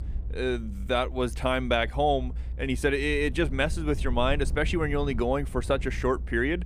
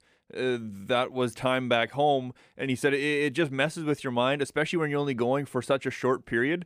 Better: second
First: low rumble; faint; throughout; 25 dB below the speech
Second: none

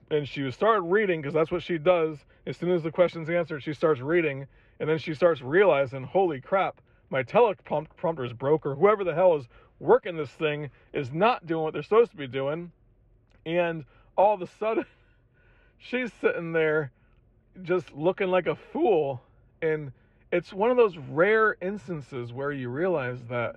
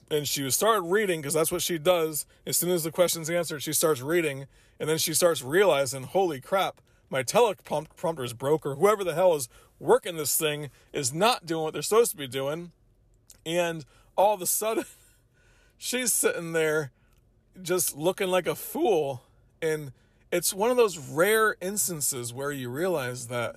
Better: second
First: muffled; very; fading above 2.5 kHz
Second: none

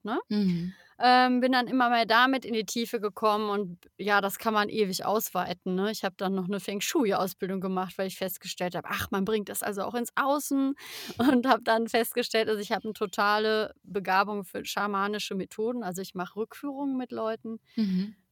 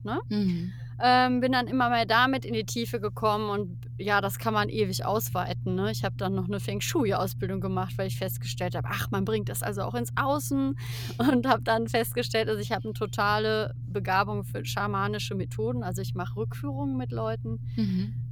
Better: first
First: none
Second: low rumble; faint; throughout; 20 dB below the speech

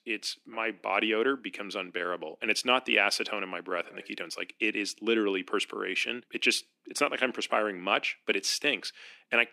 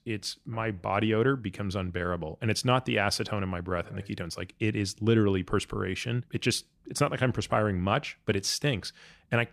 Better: second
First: thin; somewhat; fading below 250 Hz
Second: none

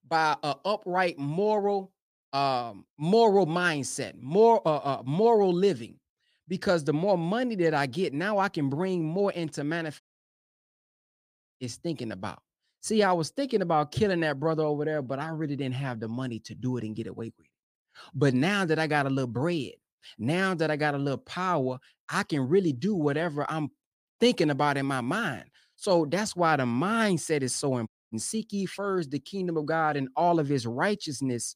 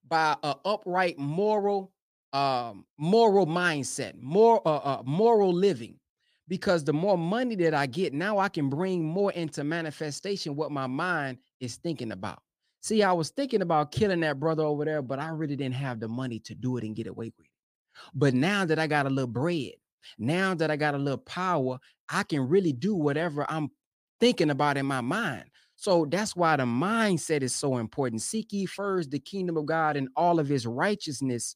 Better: second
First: audio cutting out; at 10 s for 1.5 s and at 28 s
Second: none

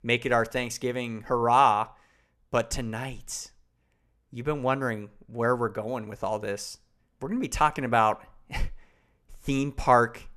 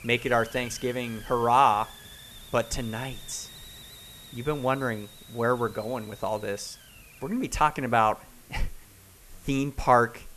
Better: first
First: none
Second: hiss; noticeable; throughout; 20 dB below the speech

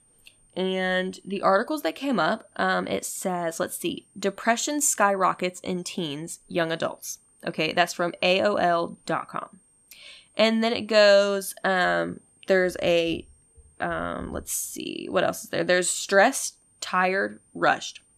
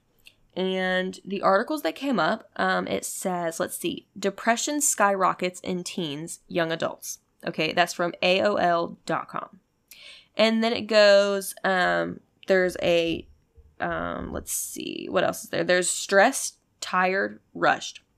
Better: second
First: high-pitched whine; faint; throughout; 8.5 kHz, 35 dB below the speech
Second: none

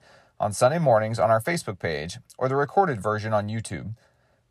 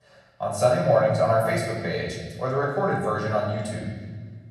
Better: first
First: none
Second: off-mic speech; far // room echo; noticeable; dies away in 1.4 s

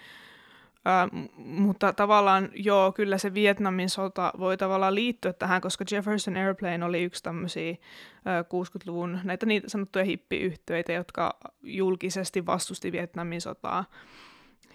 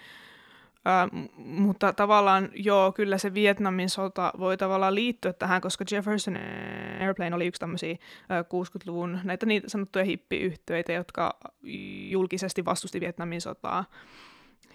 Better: first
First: none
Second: audio freezing; at 6.5 s for 0.5 s and at 12 s

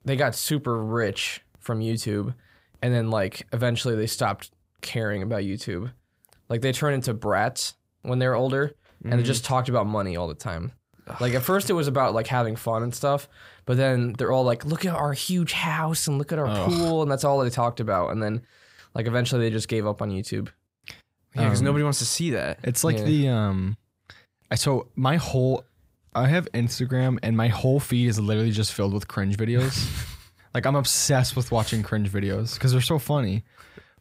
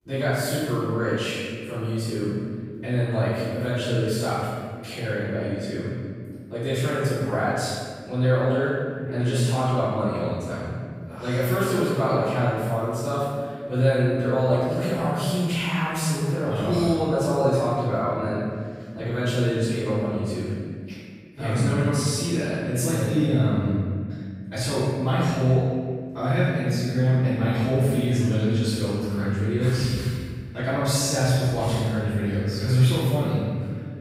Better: first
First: none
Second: off-mic speech; far // room echo; strong; dies away in 1.8 s

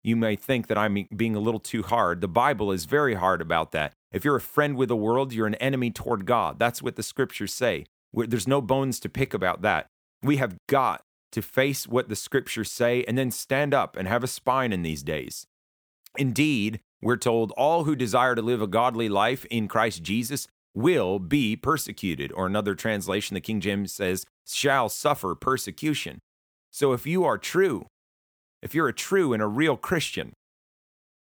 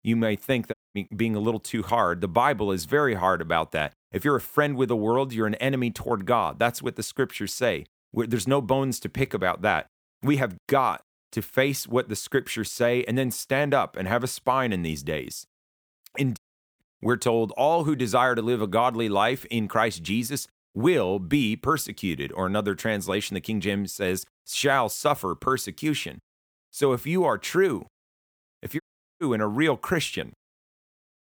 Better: first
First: none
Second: audio cutting out; at 0.5 s, at 16 s and at 29 s

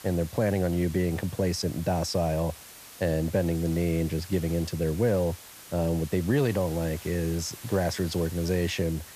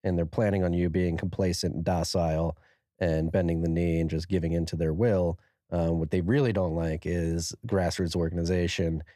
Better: second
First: hiss; noticeable; throughout; 15 dB below the speech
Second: none

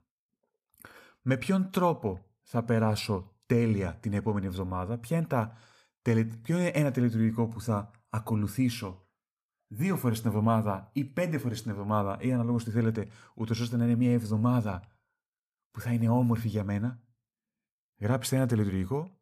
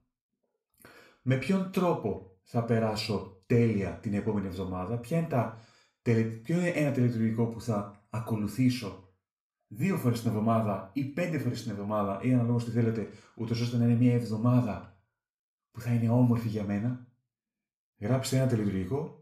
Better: first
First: none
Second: room echo; slight; dies away in 0.4 s // off-mic speech; far

